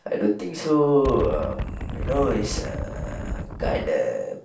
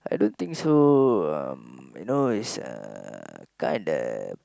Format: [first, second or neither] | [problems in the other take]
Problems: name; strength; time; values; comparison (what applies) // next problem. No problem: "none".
second | background sound (Wind); 5 dB below the speech // room echo; dies away in 0.3 s